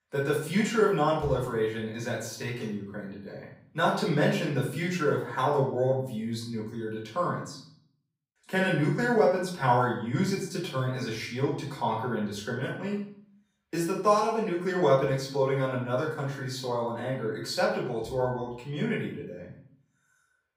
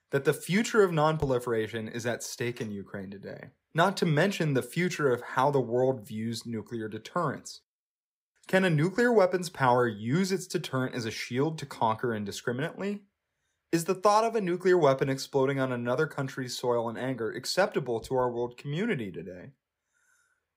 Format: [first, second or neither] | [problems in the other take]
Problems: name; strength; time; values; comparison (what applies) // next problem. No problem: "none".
second | off-mic speech; far // room echo; noticeable; dies away in 0.5 s